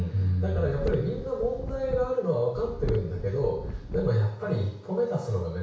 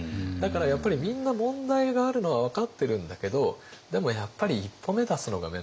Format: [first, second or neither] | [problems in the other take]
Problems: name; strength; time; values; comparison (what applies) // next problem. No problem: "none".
second | background sound (Wind); 7 dB below the speech // room echo; dies away in 0.6 s